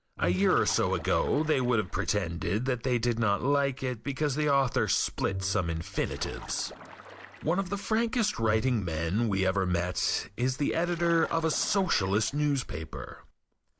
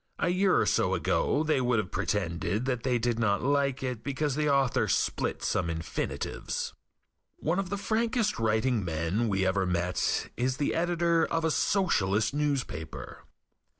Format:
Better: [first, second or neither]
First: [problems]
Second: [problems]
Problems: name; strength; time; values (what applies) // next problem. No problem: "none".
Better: second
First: background sound (Bowed string instrument + Splash, splatter); 15 dB below the speech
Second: none